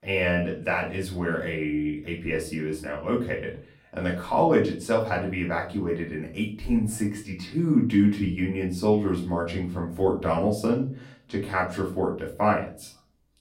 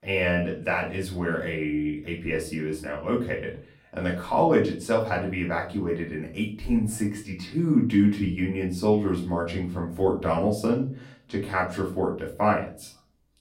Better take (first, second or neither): neither